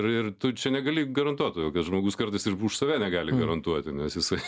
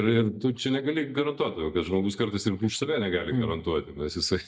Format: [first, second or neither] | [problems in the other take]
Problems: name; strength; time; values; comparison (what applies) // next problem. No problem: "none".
first | noise reduction (neural mask model DeepFilterNet 3)